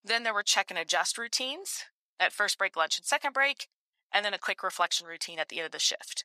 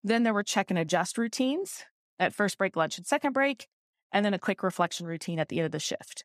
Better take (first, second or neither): second